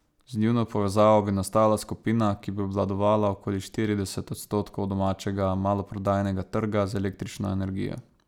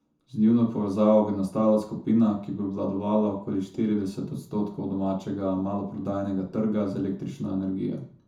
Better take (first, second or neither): first